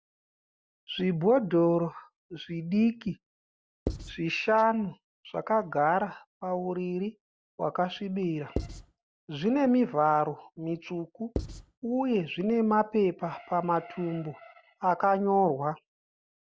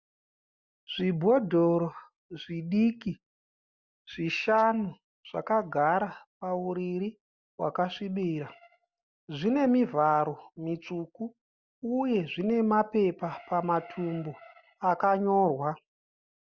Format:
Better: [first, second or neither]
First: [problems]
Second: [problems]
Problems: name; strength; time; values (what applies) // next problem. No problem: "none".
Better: second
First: background sound (Writing); 6 dB below the speech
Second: none